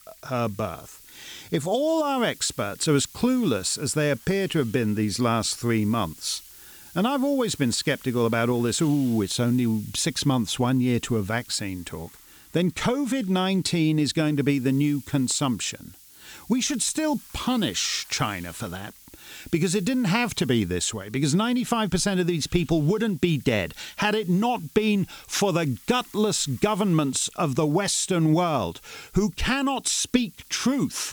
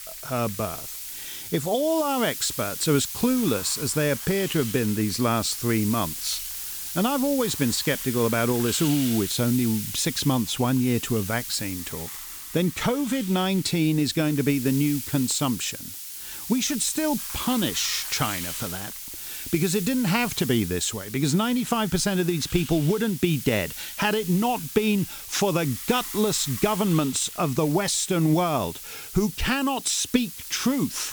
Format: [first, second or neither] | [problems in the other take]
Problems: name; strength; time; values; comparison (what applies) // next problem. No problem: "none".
first | hiss; loud; throughout; 8 dB below the speech; faint in the first